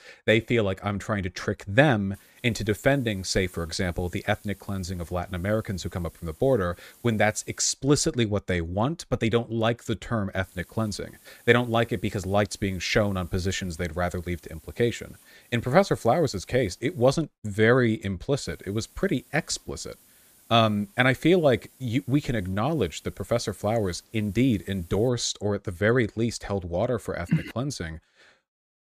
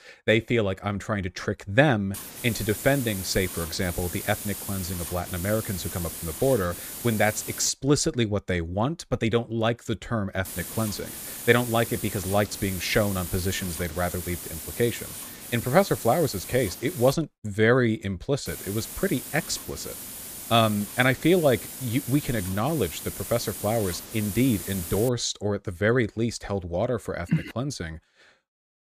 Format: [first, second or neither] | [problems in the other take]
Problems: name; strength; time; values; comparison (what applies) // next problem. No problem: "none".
first | hiss; loud; from 2 to 7.5 s, from 10 to 17 s and from 18 to 25 s; 9 dB below the speech; faint in the first